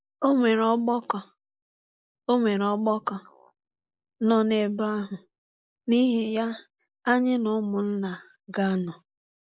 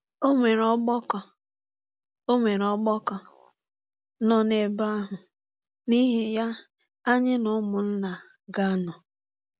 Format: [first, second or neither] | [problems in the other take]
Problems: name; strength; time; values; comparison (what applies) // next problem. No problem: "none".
second | noise reduction (neural mask model Resemble Enhance denoiser)